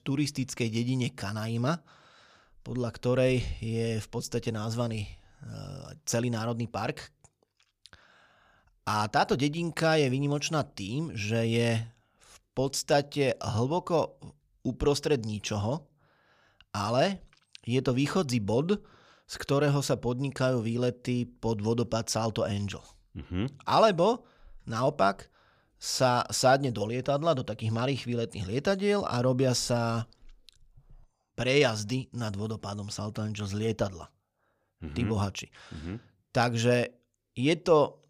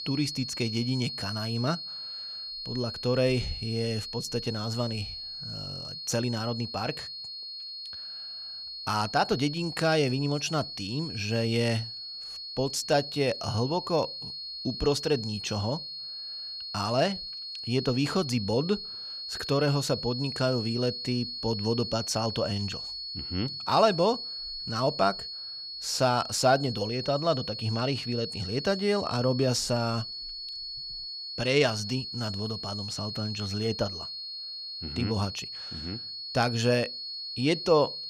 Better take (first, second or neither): first